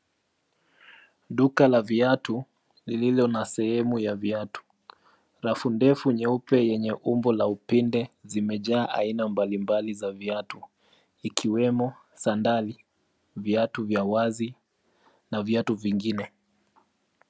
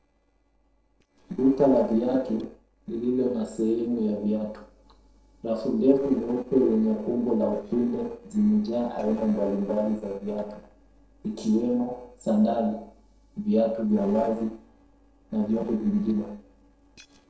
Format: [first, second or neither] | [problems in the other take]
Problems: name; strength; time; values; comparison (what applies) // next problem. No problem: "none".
first | noise reduction (neural separator model SepFormer DNS4)